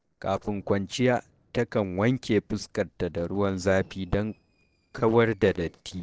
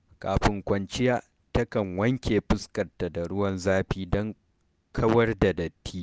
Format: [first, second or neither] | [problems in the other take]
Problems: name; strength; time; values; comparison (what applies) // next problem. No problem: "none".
second | noise reduction (neural separator model SepFormer DNS4)